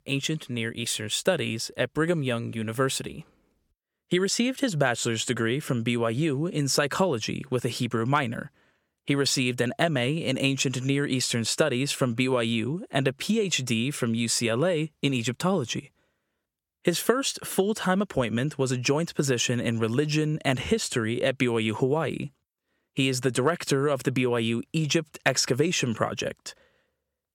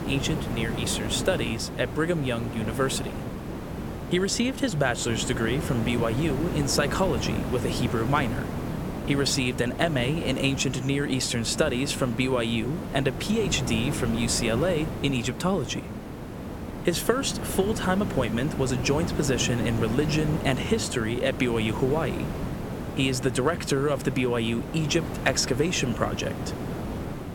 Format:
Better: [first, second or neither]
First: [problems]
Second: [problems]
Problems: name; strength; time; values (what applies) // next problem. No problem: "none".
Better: first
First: none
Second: hiss; loud; throughout; 6 dB below the speech